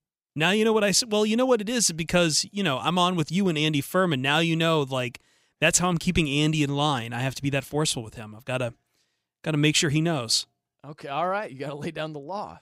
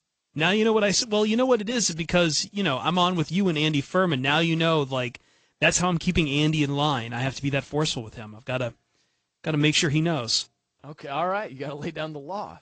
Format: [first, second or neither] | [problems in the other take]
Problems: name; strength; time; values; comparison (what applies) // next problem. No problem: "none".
first | garbled, watery; slightly; nothing above 7.5 kHz